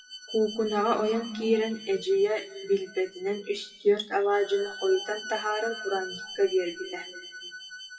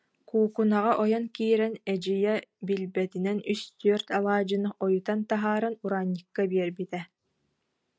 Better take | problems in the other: second | noise reduction (classical method WPE with log-MMSE)

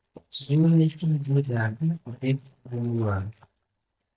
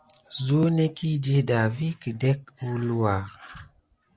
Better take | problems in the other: second | noise reduction (neural mask model DeepFilterNet 3)

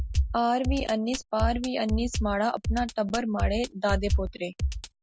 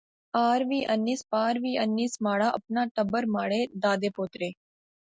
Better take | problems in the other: second | background sound (Drum kit); 2 dB below the speech

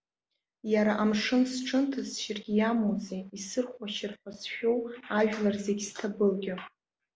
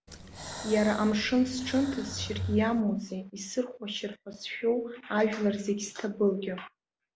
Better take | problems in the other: first | background sound (Breathing); 9 dB below the speech

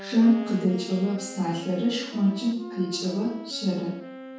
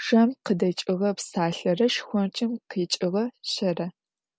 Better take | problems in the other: second | background sound (Wind instrument, woodwind instrument); 14 dB below the speech // room echo; dies away in 0.6 s

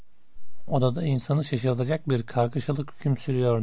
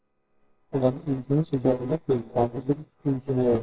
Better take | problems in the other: first | noise reduction (neural separator model SepFormer WHAMR!)

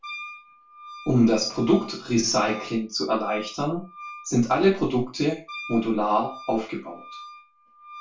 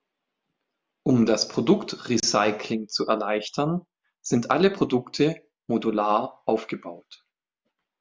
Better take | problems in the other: second | background sound (Wind instrument, woodwind instrument); 18 dB below the speech // room echo; dies away in 0.2 s

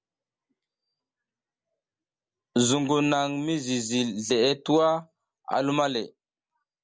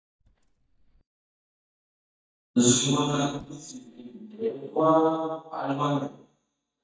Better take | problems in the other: first | noise reduction (neural mask model DeepFilterNet 3)

